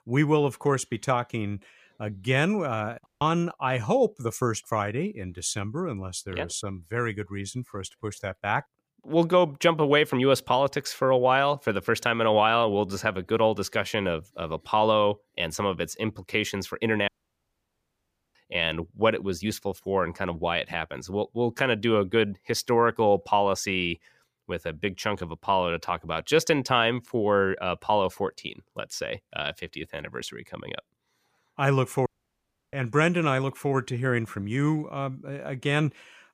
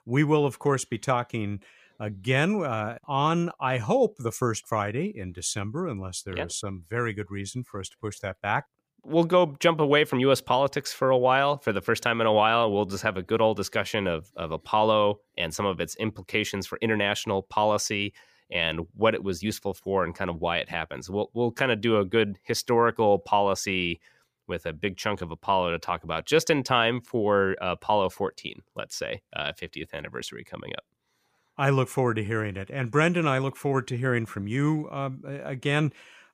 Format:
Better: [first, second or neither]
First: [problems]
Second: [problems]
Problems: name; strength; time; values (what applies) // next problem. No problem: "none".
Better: second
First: audio cutting out; at 3 s, at 17 s for 1.5 s and at 32 s for 0.5 s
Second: none